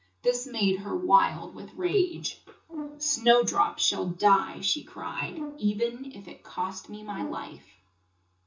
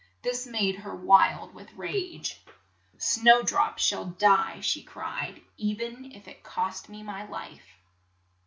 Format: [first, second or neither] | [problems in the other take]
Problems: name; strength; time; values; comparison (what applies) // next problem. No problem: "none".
second | background sound (Brass instrument); 12 dB below the speech // room echo; dies away in 0.2 s